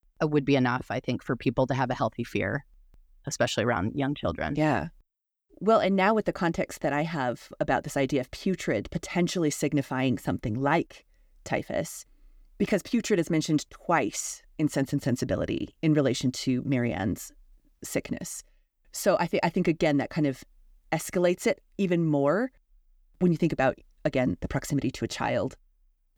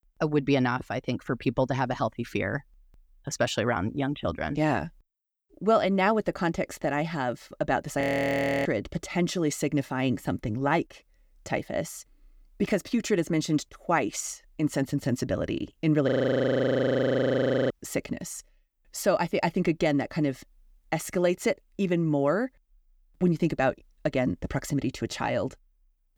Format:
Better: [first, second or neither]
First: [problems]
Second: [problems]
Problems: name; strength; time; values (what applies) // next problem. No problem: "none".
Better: first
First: none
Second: audio freezing; at 8 s for 0.5 s and at 16 s for 1.5 s